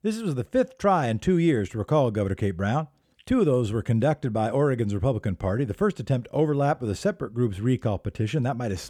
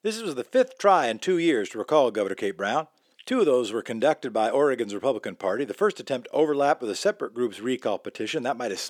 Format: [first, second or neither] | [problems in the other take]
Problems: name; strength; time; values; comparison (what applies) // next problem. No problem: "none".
first | thin; somewhat; fading below 300 Hz